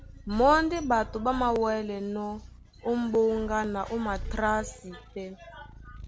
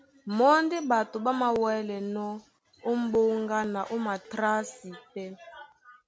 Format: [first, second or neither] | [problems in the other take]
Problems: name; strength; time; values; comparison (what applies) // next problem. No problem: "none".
second | background sound (Purr); 13 dB below the speech